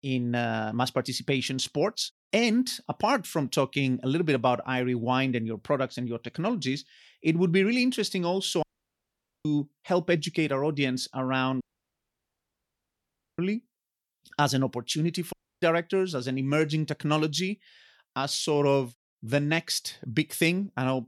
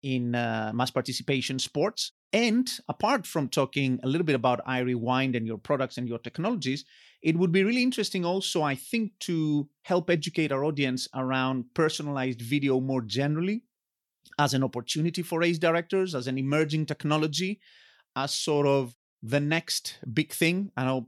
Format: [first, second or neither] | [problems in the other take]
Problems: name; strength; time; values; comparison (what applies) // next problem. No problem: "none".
second | audio cutting out; at 8.5 s for 1 s, at 12 s for 2 s and at 15 s